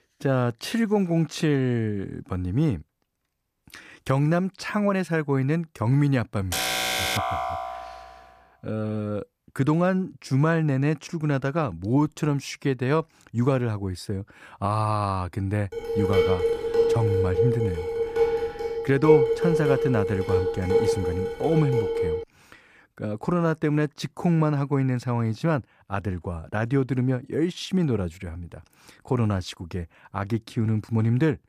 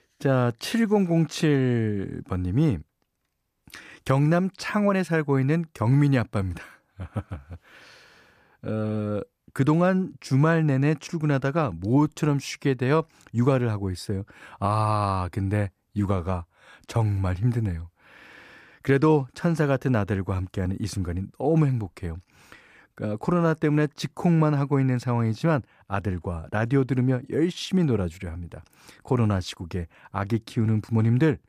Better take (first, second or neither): second